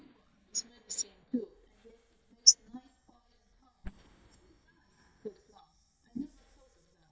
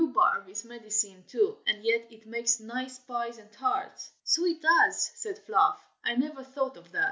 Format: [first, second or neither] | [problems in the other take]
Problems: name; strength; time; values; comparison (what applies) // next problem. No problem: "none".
second | noise reduction (neural mask model DeepFilterNet 3)